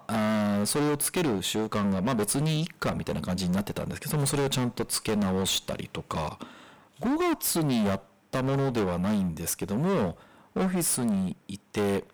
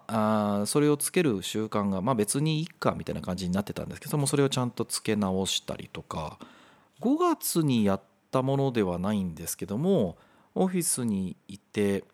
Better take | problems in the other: second | distortion; heavy; 22% of the sound clipped

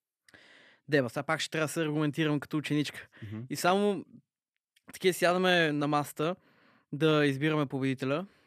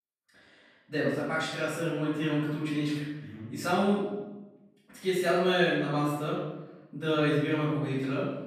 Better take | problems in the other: first | off-mic speech; far // room echo; strong; dies away in 0.9 s

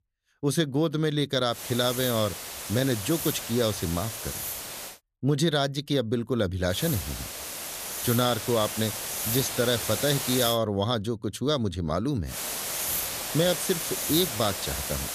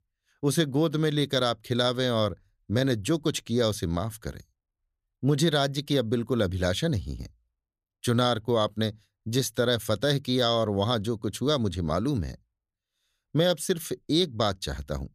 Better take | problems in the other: second | hiss; loud; from 1.5 to 5 s, from 6.5 to 11 s and from 12 s on; 4 dB below the speech

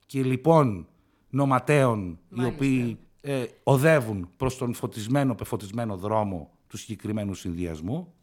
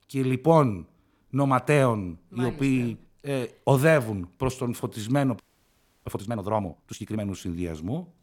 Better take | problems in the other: first | audio freezing; at 5.5 s for 0.5 s

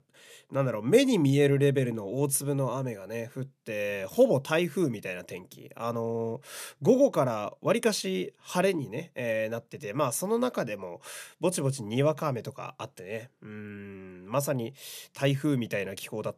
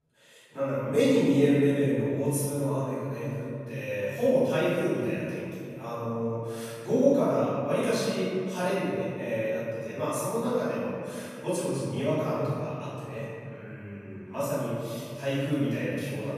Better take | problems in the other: first | room echo; strong; dies away in 2.4 s // off-mic speech; far

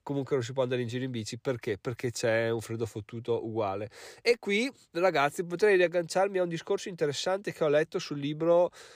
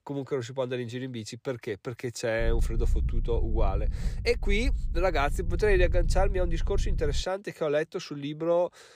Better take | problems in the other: first | low rumble; faint; from 2.5 to 7 s; 20 dB below the speech

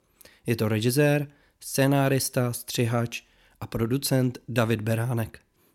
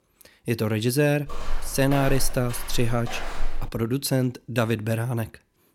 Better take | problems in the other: first | footsteps; noticeable; from 1.5 to 3.5 s; peak 8 dB below the speech

